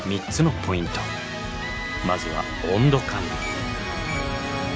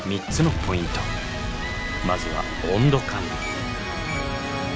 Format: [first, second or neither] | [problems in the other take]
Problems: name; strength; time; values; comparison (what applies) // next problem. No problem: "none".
first | background sound (Explosion); 7 dB below the speech